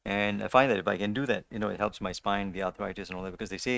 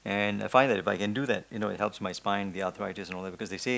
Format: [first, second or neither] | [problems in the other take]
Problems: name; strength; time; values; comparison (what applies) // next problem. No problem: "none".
second | noise reduction (neural mask model RNNoise)